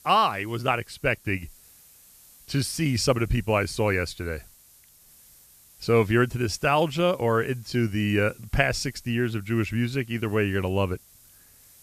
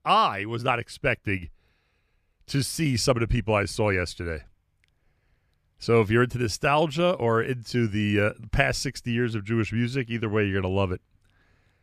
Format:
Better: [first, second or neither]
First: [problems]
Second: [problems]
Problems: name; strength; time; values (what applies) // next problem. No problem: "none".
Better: second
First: hiss; faint; throughout; 25 dB below the speech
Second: none